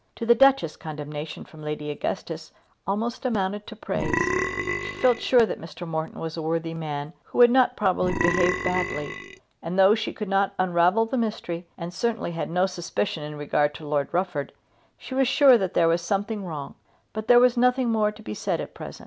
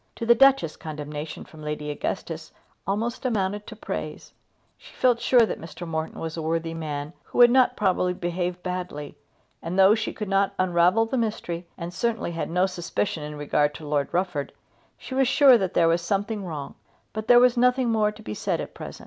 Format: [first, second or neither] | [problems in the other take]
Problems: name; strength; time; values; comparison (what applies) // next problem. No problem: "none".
second | background sound (Burping, eructation); 3 dB below the speech